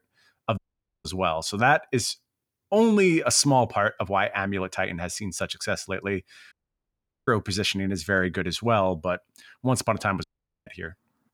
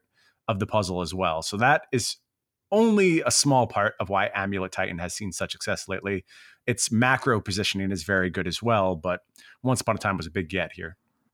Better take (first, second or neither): second